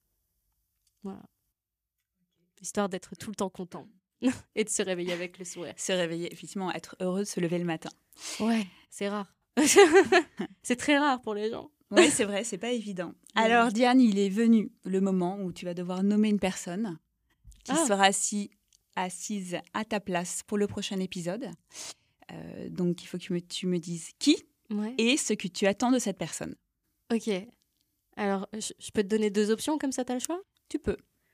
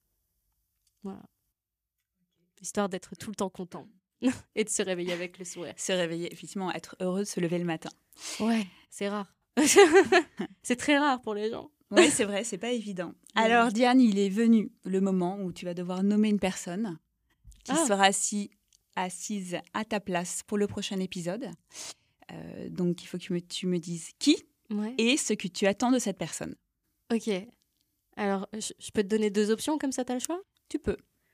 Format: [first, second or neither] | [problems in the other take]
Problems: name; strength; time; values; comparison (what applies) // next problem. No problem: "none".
neither | none